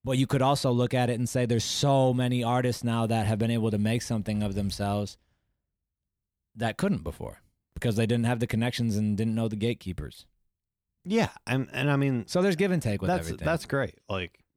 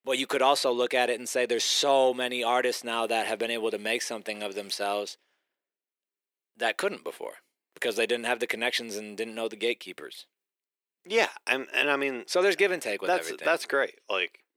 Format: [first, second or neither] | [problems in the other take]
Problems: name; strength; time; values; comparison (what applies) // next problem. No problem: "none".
first | thin; very; fading below 350 Hz